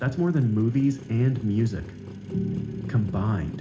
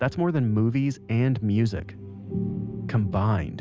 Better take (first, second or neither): second